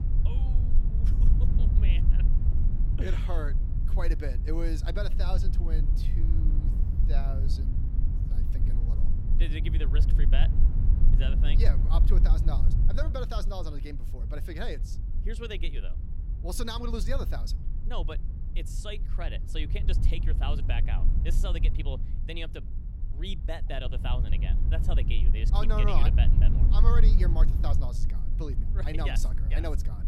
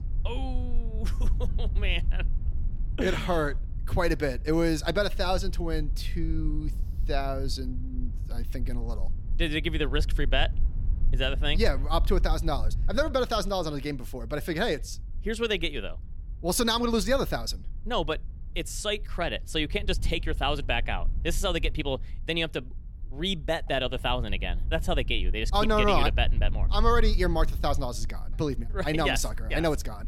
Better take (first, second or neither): second